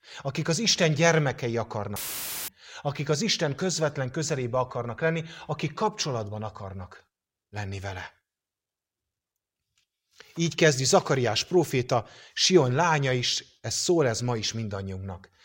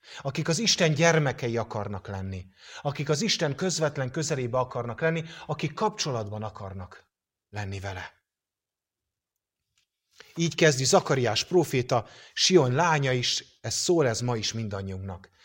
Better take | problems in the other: second | audio cutting out; filled with static; at 2 s for 0.5 s

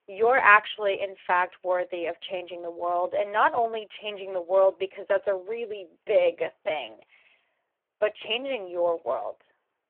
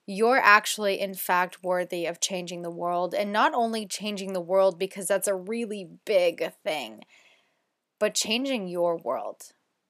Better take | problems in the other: second | phone-call audio; poor line

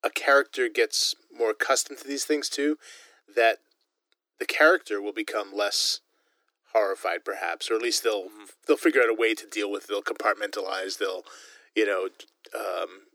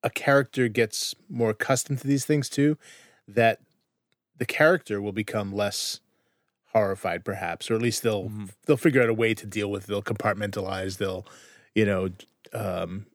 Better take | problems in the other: second | thin; somewhat; fading below 300 Hz

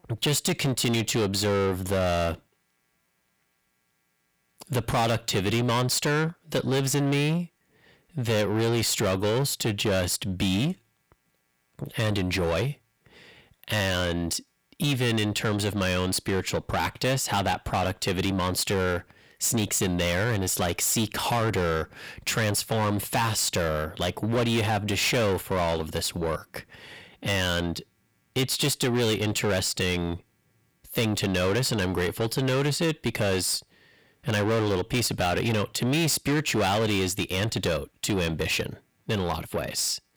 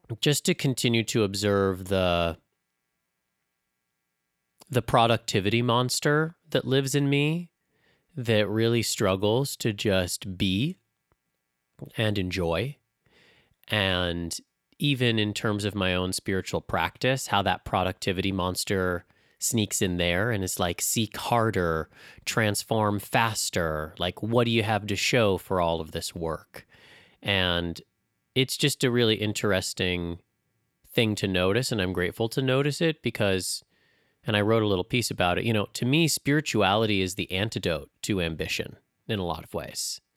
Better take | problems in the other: second | distortion; heavy; 6 dB below the speech

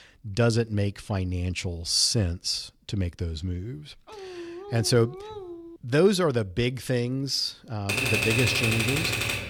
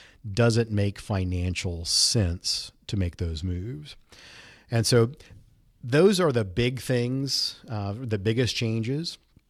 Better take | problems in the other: second | dog barking; faint; from 4 to 6 s; peak 10 dB below the speech // keyboard typing; loud; from 8 s on; peak 3 dB above the speech

